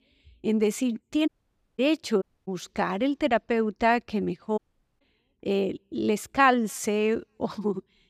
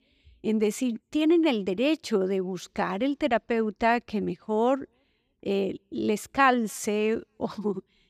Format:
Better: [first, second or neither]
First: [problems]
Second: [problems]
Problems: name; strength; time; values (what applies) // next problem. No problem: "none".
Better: second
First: audio cutting out; at 1.5 s for 0.5 s, at 2 s and at 4.5 s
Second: none